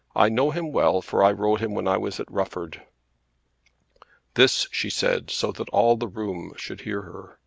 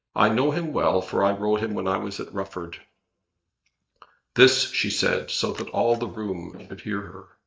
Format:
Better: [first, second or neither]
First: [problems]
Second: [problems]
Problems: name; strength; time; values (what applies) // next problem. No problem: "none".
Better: first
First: none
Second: noise reduction (neural mask model DeepFilterNet 3)